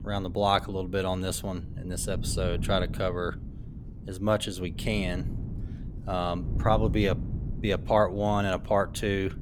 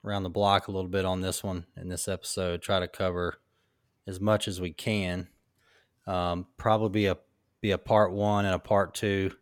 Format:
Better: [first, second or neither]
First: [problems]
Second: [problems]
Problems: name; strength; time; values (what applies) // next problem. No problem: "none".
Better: second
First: wind noise on the microphone; occasional gusts; 20 dB below the speech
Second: none